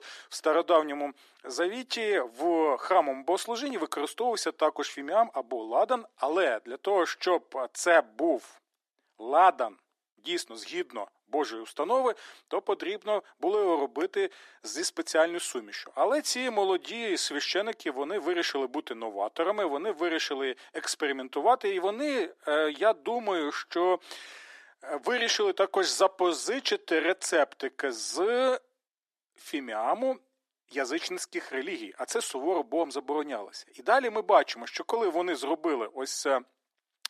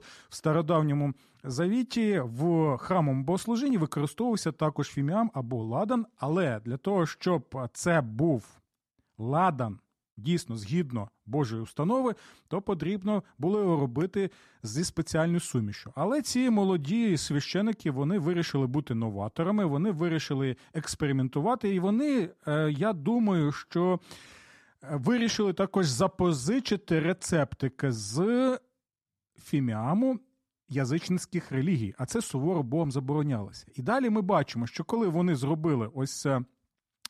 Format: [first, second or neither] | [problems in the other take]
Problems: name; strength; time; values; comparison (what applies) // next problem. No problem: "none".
second | thin; very; fading below 350 Hz